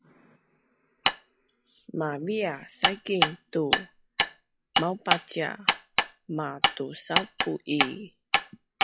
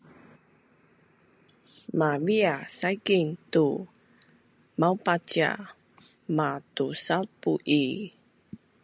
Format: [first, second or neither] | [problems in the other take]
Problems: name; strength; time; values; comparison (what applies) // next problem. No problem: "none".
second | noise reduction (classical method log-MMSE)